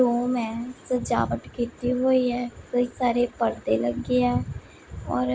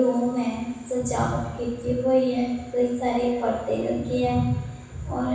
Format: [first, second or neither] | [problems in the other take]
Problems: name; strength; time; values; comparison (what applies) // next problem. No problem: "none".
first | room echo; dies away in 1.1 s